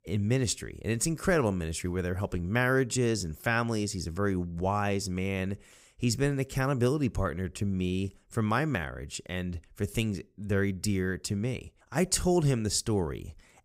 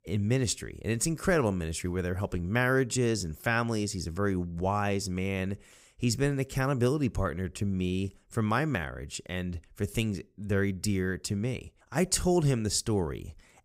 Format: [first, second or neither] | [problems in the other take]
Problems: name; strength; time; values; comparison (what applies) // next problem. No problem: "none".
neither | none